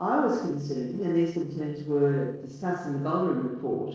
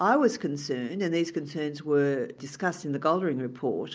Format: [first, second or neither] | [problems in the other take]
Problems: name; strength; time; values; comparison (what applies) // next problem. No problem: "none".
second | noise reduction (neural separator model SepFormer DNS4)